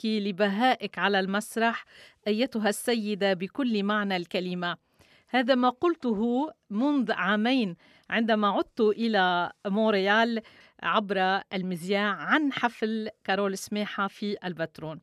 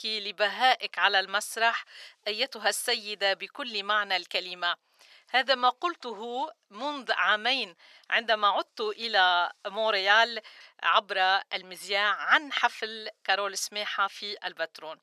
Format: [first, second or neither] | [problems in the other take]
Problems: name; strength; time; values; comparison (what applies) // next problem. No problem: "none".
first | thin; very; fading below 800 Hz